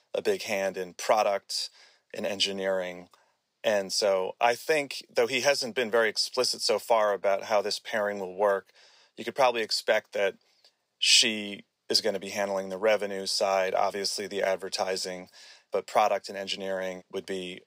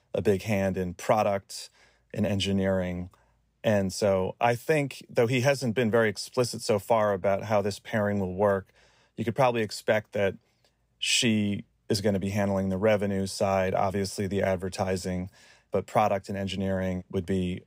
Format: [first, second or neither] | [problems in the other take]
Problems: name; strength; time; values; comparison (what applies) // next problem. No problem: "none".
second | thin; somewhat; fading below 450 Hz